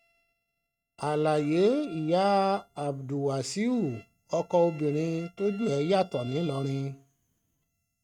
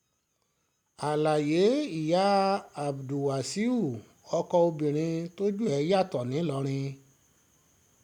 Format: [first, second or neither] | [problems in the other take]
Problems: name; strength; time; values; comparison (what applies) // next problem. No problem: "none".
second | noise reduction (neural mask model RNNoise)